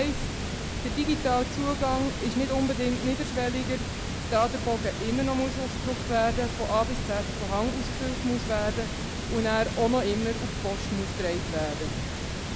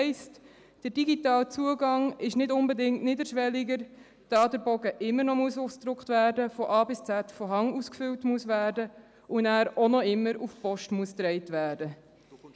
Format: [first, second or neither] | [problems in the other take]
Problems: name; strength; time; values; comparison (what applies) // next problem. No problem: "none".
second | background sound (Water); 3 dB below the speech